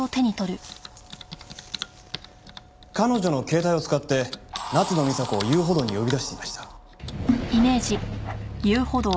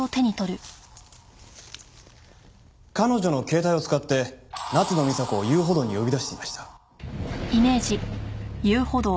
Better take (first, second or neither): second